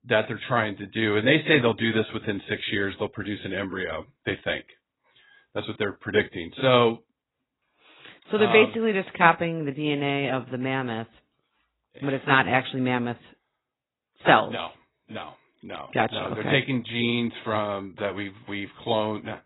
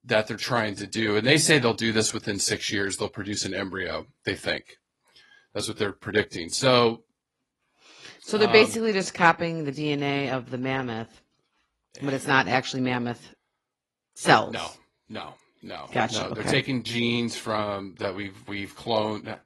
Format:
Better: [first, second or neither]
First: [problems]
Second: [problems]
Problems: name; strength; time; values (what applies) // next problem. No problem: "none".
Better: second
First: garbled, watery; badly; nothing above 4 kHz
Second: garbled, watery; slightly